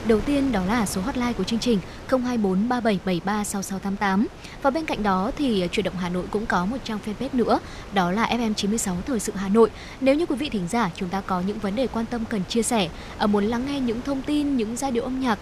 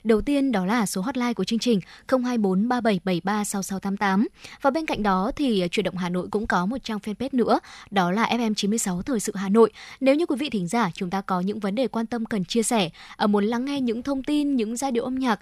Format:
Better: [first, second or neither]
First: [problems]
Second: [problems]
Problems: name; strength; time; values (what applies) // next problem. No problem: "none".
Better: second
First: wind noise on the microphone; occasional gusts; 15 dB below the speech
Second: none